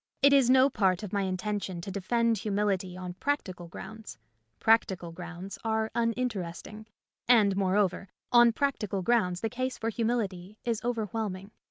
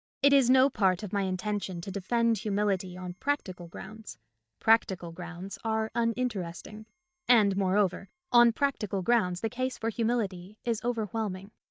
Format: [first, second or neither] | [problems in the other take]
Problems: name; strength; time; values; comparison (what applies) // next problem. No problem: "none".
first | noise reduction (neural mask model DeepFilterNet 3)